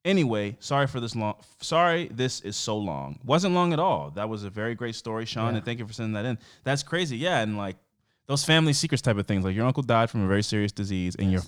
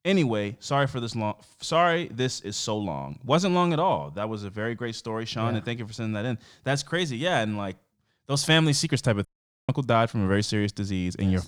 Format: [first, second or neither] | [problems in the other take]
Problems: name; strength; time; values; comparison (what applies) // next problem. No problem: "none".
first | audio cutting out; at 9.5 s